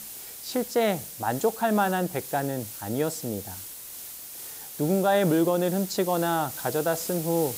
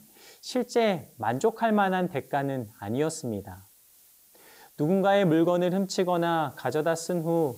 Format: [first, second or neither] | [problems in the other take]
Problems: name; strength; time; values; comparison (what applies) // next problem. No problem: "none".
second | hiss; loud; throughout; 10 dB below the speech; faint in the second